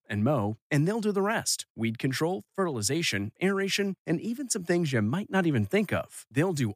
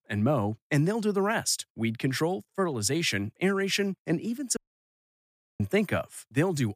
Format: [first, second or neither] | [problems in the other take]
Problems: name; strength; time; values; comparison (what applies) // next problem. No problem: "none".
first | audio cutting out; at 4.5 s for 1 s